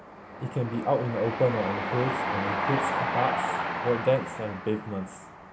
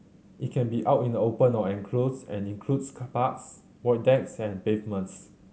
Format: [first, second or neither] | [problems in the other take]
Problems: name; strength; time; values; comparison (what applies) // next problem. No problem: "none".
second | background sound (Train); 2 dB below the speech